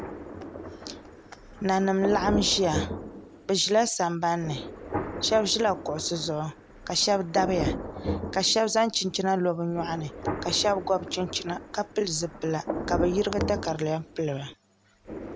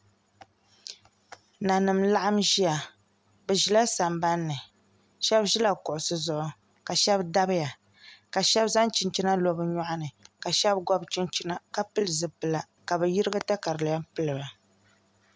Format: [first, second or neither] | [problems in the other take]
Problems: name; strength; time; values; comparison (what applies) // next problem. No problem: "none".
second | background sound (Thunder); 8 dB below the speech